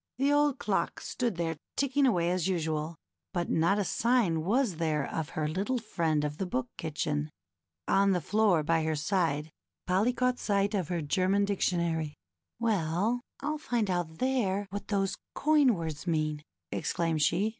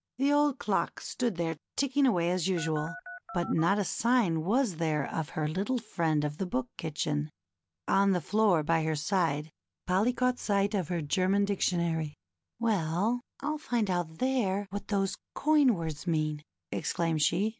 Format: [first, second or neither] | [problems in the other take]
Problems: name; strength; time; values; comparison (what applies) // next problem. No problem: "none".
first | background sound (Telephone); 13 dB below the speech